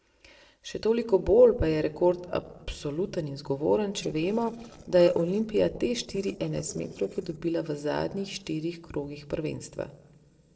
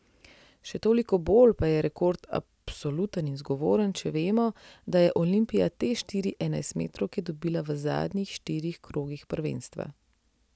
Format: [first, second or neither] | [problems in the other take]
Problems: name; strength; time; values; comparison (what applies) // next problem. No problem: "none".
second | noise reduction (neural separator model SepFormer DNS4)